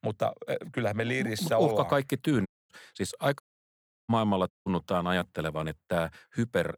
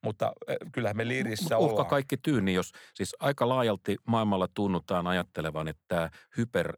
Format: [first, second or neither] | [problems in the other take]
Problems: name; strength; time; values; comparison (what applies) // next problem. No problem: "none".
second | audio cutting out; at 2.5 s, at 3.5 s for 0.5 s and at 4.5 s